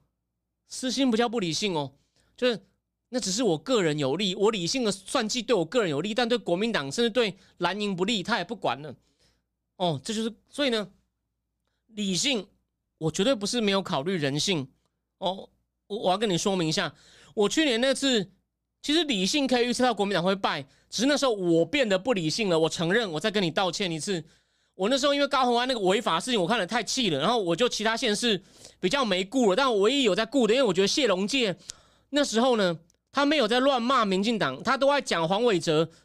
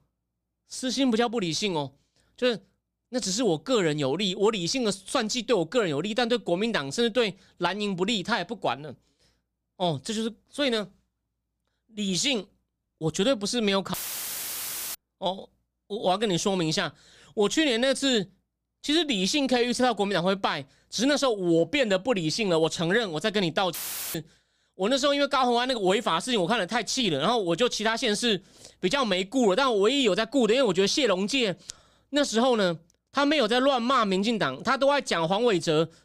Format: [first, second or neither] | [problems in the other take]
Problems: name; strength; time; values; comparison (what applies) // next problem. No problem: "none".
first | audio cutting out; filled with static; at 14 s for 1 s and at 24 s